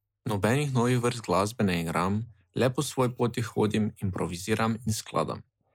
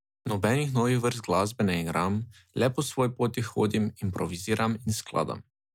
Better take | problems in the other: second | noise reduction (neural mask model Resemble Enhance denoiser)

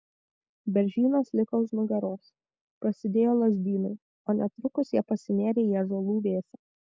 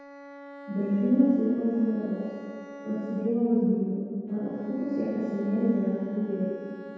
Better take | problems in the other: first | background sound (Bowed string instrument); 17 dB below the speech // room echo; dies away in 2 s

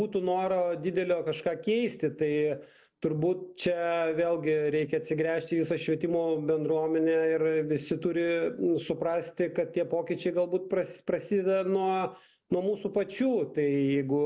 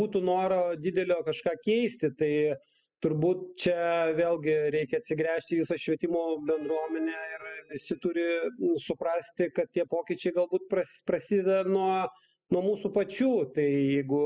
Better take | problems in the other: first | noise reduction (classical method spectral subtraction)

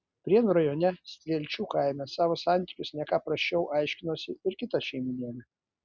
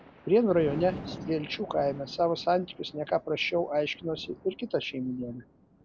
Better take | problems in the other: first | background sound (Thunder); 15 dB below the speech

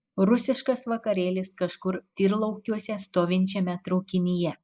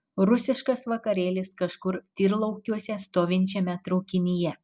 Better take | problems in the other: second | noise reduction (neural mask model Resemble Enhance denoiser)

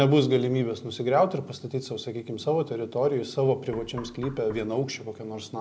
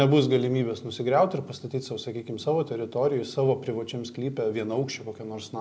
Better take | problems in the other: second | background sound (Knock); 18 dB below the speech

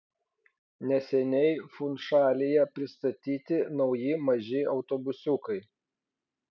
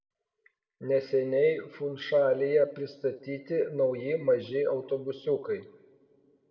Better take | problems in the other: first | room echo; dies away in 0.6 s

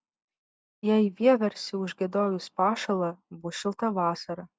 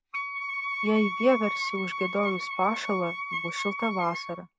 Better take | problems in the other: first | background sound (Wind instrument, woodwind instrument); 4 dB below the speech

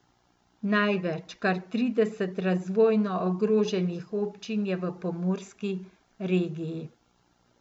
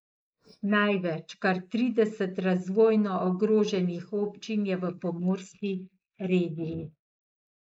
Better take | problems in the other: first | noise reduction (neural mask model Resemble Enhance denoiser)

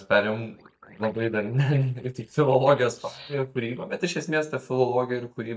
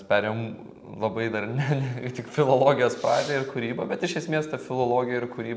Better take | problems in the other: second | noise reduction (neural mask model DeepFilterNet 3)

